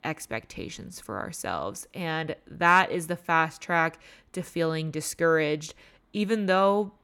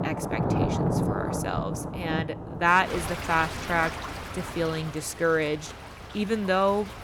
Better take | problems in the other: first | rain or running water; loud; throughout; 4 dB below the speech

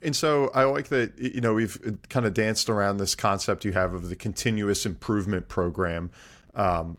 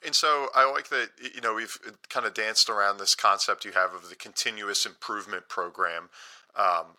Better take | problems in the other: first | thin; very; fading below 750 Hz

